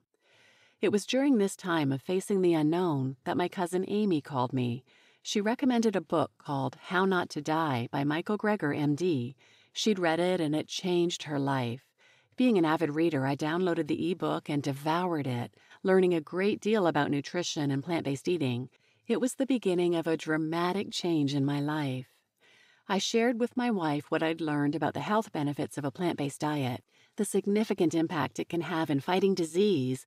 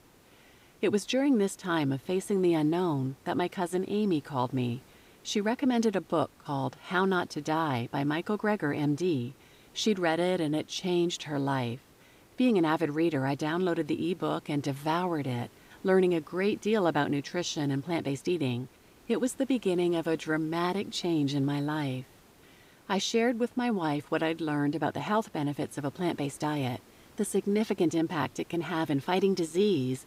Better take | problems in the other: first | hiss; faint; throughout; 25 dB below the speech

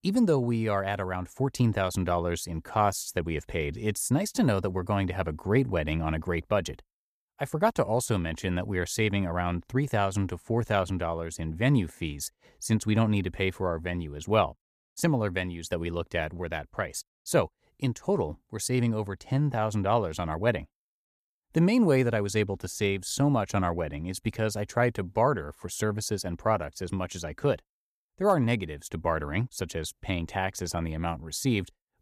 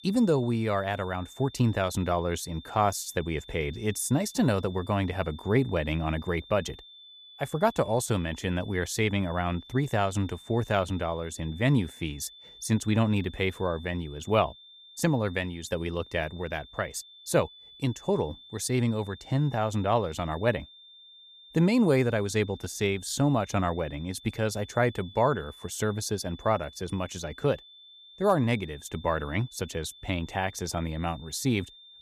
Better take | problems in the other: first | high-pitched whine; noticeable; throughout; 3.5 kHz, 20 dB below the speech

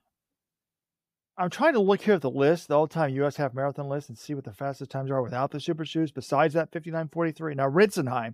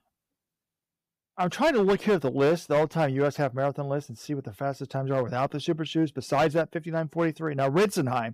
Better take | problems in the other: first | distortion; slight; 5% of the sound clipped

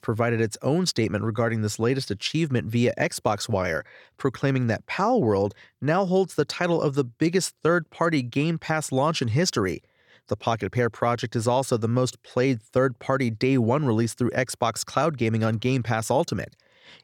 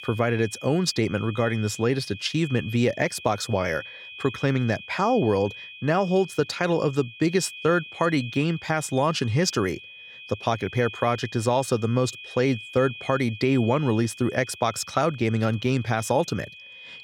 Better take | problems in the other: first | high-pitched whine; noticeable; throughout; 2.5 kHz, 15 dB below the speech

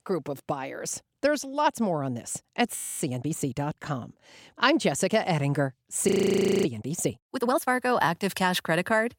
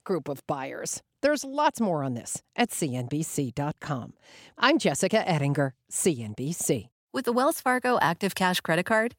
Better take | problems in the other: second | audio freezing; at 3 s and at 6 s for 0.5 s

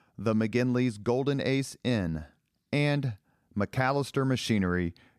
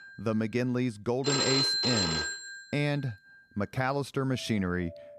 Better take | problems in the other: first | alarms or sirens; very loud; throughout; 4 dB above the speech

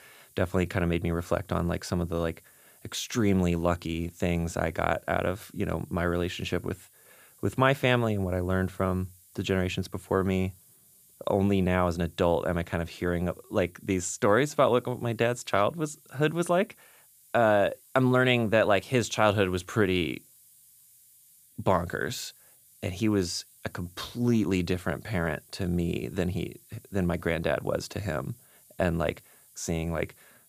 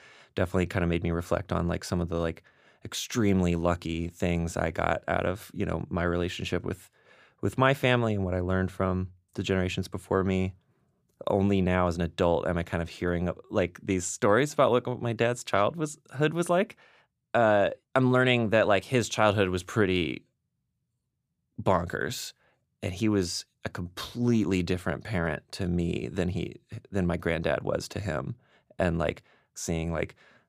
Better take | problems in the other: second | hiss; faint; throughout; 25 dB below the speech

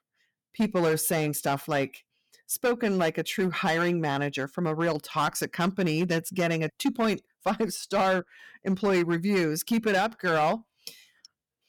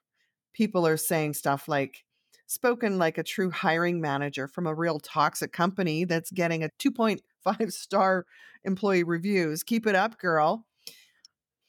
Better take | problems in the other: second | distortion; slight; 7% of the sound clipped

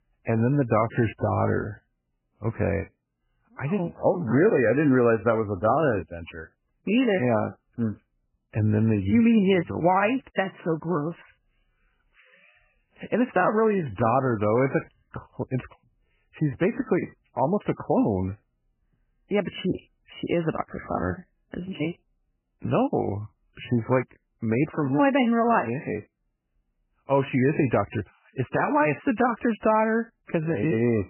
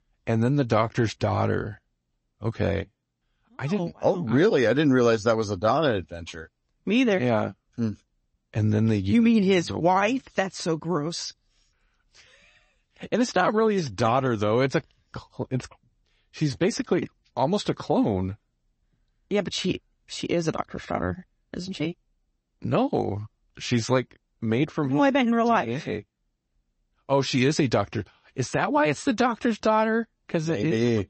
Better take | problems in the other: second | garbled, watery; badly; nothing above 3 kHz; slightly in the second

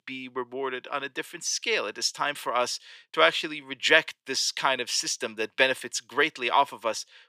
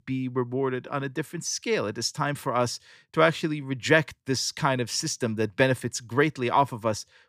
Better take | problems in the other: second | thin; somewhat; fading below 450 Hz

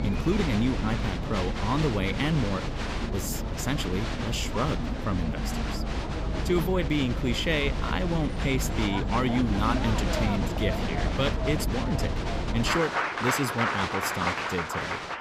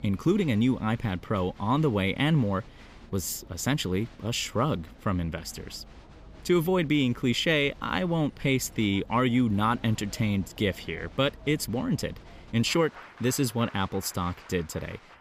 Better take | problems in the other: second | crowd noise; loud; throughout; 1 dB below the speech; faint in the second

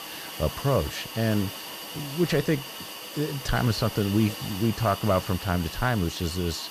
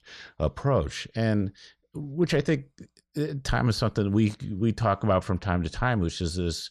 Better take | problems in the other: second | hiss; loud; throughout; 9 dB below the speech

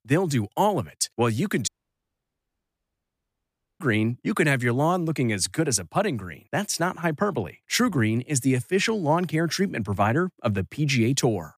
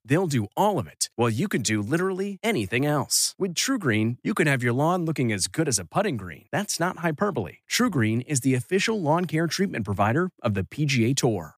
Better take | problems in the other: second | audio cutting out; at 1.5 s for 2 s

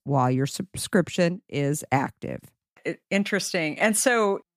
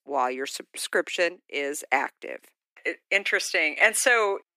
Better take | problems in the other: first | thin; very; fading below 350 Hz

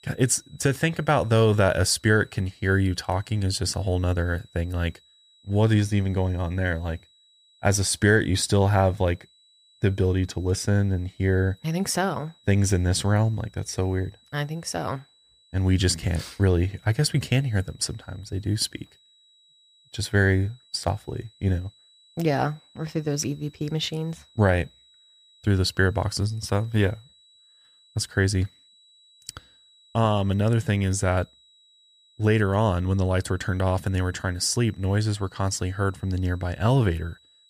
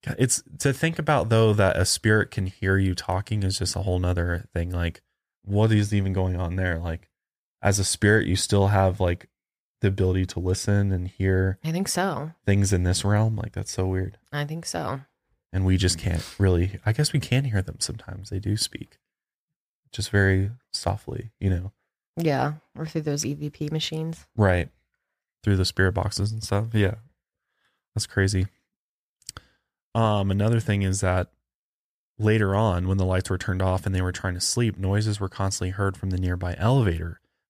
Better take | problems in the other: second | high-pitched whine; faint; throughout; 4 kHz, 30 dB below the speech

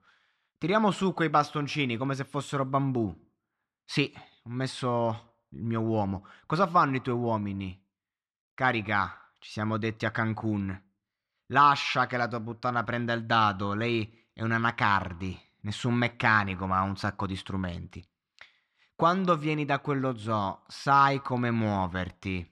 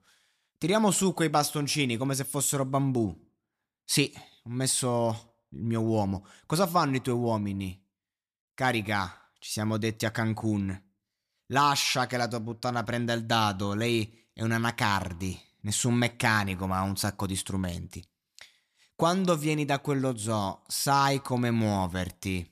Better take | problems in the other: second | muffled; slightly; fading above 3 kHz

